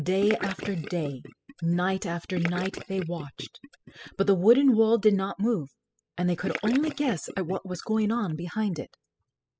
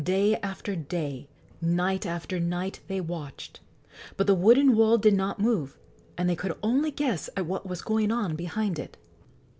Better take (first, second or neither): second